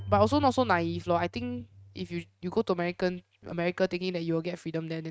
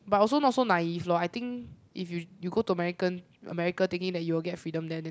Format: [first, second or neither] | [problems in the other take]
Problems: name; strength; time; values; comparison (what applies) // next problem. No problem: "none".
second | noise reduction (neural mask model RNNoise)